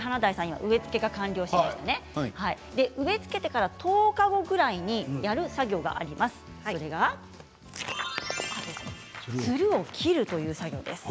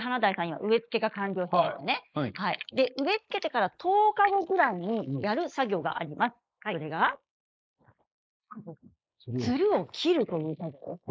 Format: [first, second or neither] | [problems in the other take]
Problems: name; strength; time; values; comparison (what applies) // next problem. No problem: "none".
first | noise reduction (neural mask model Resemble Enhance denoiser)